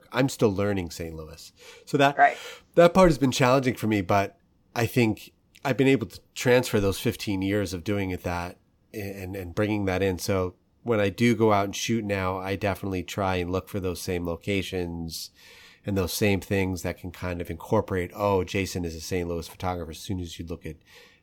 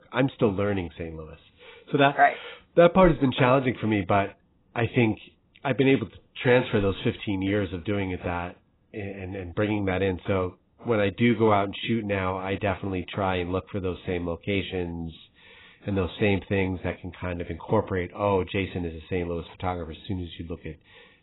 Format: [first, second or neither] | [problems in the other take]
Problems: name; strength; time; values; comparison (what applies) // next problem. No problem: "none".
first | garbled, watery; badly; nothing above 4 kHz